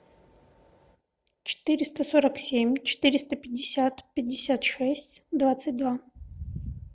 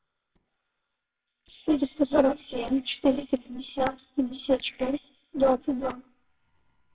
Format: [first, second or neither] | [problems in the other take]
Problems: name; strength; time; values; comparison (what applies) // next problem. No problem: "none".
first | noise reduction (neural separator model SepFormer WHAMR!)